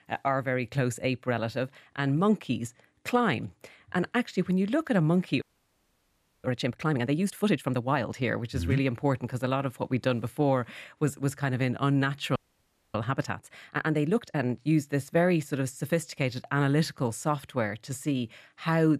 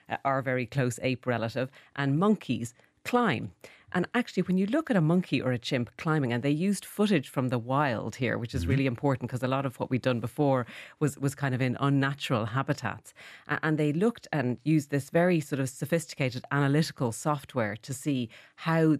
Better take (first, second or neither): second